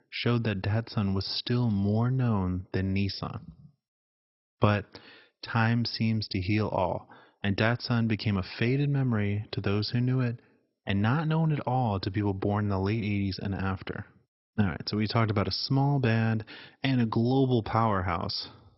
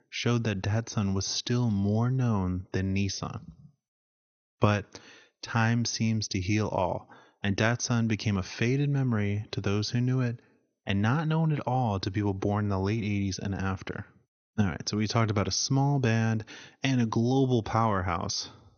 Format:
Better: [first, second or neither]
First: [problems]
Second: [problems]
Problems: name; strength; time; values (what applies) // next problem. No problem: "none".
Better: second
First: garbled, watery; badly; nothing above 5.5 kHz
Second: garbled, watery; slightly; nothing above 6.5 kHz